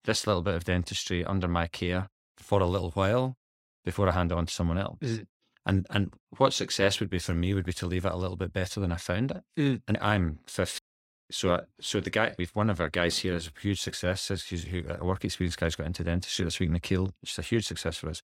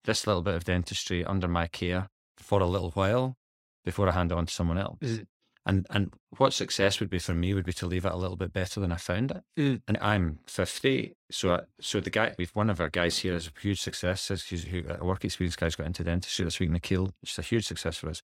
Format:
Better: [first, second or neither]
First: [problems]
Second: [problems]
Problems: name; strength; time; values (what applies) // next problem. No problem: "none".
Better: second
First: audio cutting out; at 11 s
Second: none